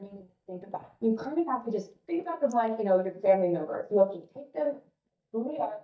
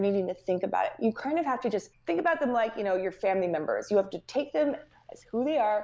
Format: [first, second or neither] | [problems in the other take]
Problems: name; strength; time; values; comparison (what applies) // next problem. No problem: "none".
second | noise reduction (neural mask model DeepFilterNet 3)